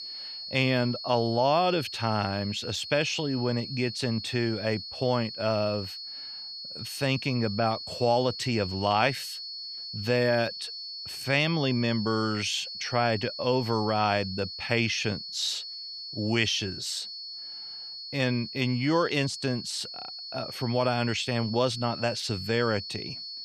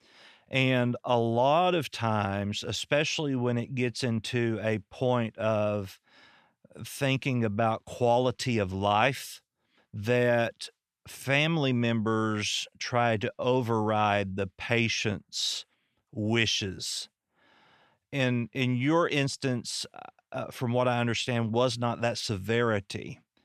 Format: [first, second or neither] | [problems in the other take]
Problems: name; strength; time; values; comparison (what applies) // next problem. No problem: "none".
second | high-pitched whine; loud; throughout; 4.5 kHz, 8 dB below the speech